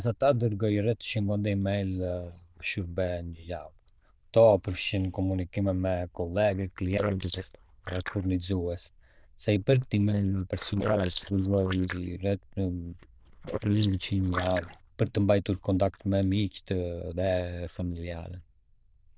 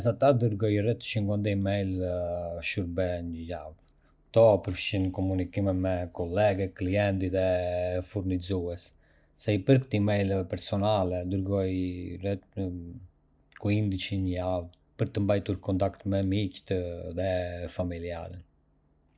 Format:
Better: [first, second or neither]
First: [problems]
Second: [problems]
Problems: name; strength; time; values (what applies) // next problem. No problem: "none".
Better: second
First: noise reduction (neural diffusion model UNIVERSE++)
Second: none